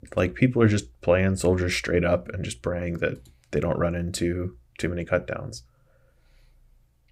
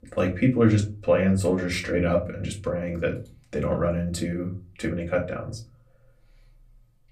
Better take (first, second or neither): first